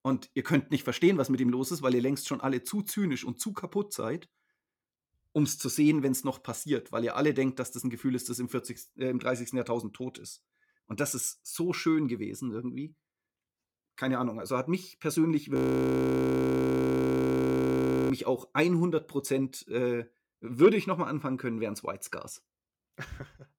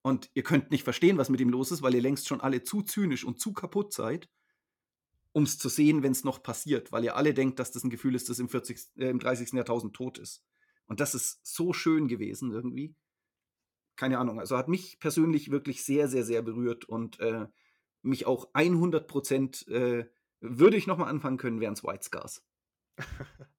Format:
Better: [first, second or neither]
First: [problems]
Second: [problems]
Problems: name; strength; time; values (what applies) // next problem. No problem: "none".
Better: second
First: audio freezing; at 16 s for 2.5 s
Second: none